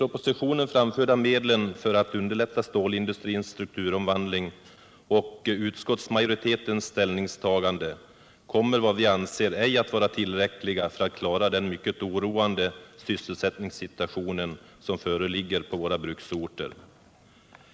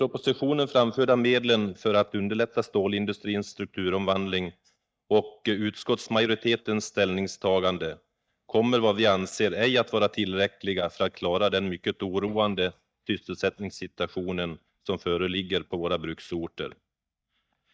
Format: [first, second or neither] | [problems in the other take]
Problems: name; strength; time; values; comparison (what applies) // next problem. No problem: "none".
first | noise reduction (neural mask model DeepFilterNet 3)